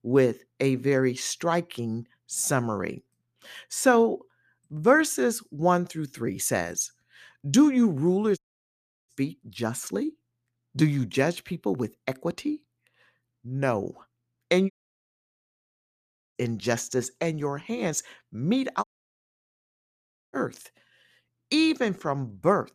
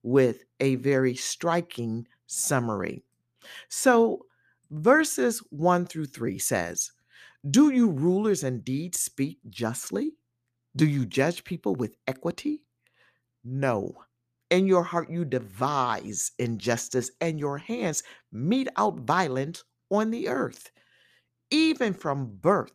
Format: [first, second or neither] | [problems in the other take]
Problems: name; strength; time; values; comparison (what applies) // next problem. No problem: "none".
second | audio cutting out; at 8.5 s for 0.5 s, at 15 s for 1.5 s and at 19 s for 1.5 s